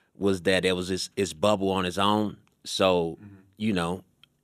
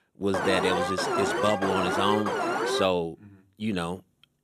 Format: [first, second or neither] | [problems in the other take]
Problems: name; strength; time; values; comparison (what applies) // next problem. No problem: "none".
first | alarm; loud; until 3 s; peak 2 dB above the speech